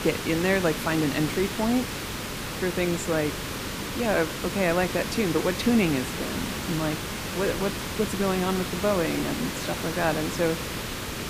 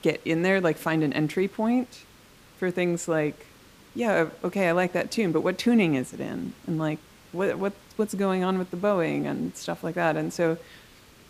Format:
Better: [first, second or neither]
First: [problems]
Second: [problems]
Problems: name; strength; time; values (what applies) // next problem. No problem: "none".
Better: second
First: hiss; loud; throughout; 4 dB below the speech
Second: hiss; faint; throughout; 25 dB below the speech